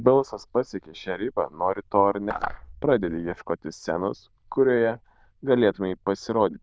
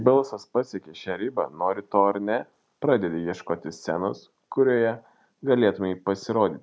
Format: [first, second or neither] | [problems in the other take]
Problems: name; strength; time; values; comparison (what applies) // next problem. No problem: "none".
second | noise reduction (neural diffusion model UNIVERSE++)